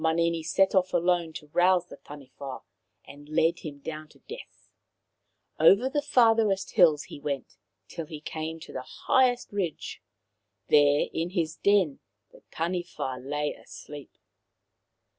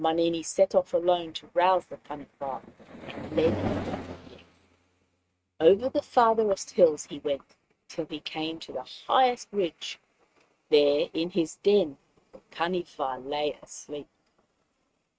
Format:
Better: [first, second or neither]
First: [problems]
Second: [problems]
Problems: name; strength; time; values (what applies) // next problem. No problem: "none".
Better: first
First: none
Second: noise reduction (neural mask model RNNoise)